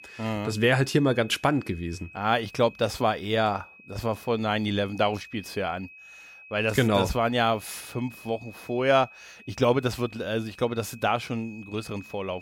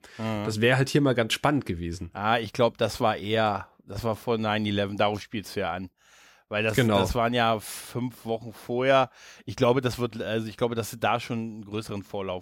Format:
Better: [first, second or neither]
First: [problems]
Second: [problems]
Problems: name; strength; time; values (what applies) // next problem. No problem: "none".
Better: second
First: high-pitched whine; faint; throughout; 2.5 kHz, 20 dB below the speech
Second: none